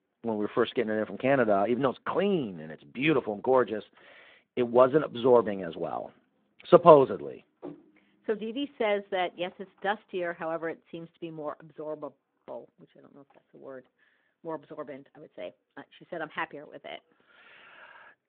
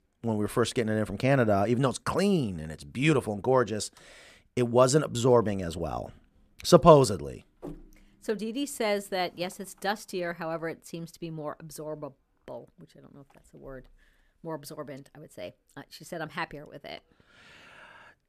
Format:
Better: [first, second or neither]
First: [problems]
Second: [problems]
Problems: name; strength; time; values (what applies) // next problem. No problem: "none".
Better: second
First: phone-call audio; nothing above 3.5 kHz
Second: none